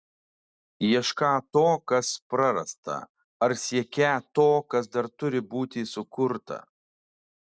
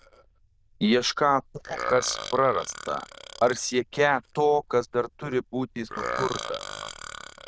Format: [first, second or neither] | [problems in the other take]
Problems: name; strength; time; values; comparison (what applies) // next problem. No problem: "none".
first | noise reduction (neural diffusion model UNIVERSE++)